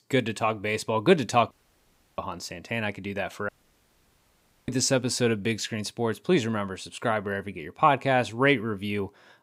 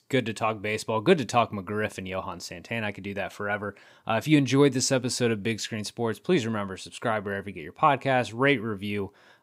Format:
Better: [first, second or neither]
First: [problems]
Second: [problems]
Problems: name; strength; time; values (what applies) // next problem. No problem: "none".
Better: second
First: audio cutting out; at 1.5 s for 0.5 s and at 3.5 s for 1 s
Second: none